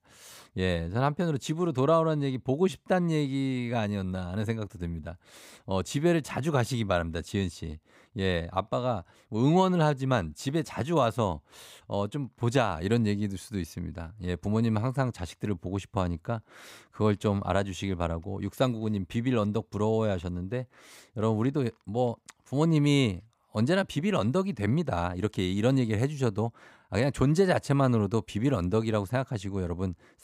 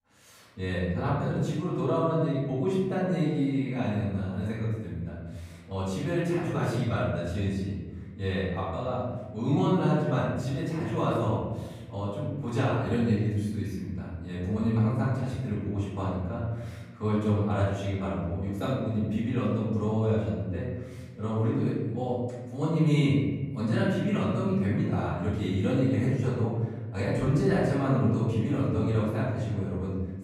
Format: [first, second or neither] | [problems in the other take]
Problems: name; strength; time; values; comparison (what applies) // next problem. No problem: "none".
first | room echo; strong; dies away in 1.4 s // off-mic speech; far